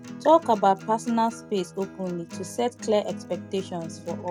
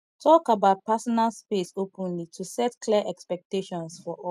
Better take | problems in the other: second | background sound (Acoustic guitar); 15 dB below the speech

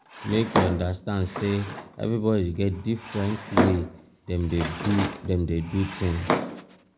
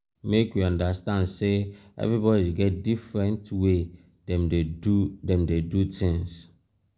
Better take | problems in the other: second | background sound (Drawer open or close); 4 dB below the speech

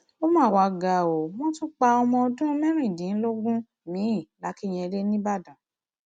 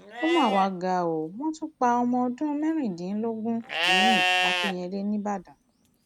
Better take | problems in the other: first | background sound (Livestock, farm animals, working animals); 3 dB below the speech

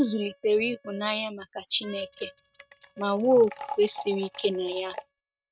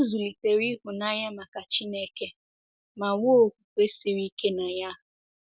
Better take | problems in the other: second | noise reduction (neural mask model RNNoise)

